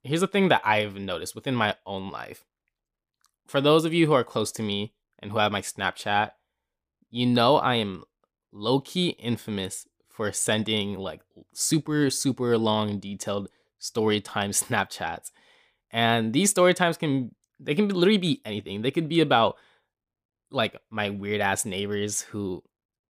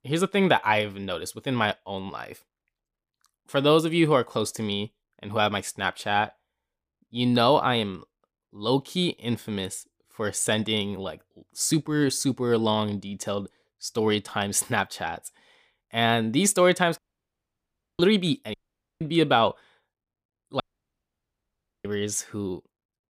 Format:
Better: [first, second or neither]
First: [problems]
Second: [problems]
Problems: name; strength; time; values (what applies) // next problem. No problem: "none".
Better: first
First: none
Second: audio cutting out; at 17 s for 1 s, at 19 s and at 21 s for 1.5 s